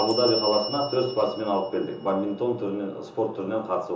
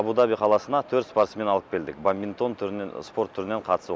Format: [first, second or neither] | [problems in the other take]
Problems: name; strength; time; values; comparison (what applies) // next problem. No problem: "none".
second | background sound (Bell); 11 dB below the speech // room echo; dies away in 0.6 s